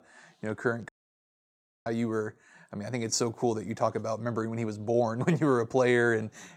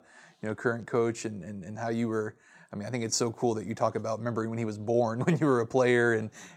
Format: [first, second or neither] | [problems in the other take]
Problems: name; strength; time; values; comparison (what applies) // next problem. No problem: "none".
second | audio cutting out; at 1 s for 1 s